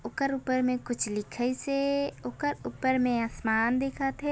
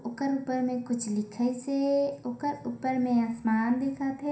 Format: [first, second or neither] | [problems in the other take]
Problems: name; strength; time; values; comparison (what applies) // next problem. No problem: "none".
first | room echo; dies away in 0.5 s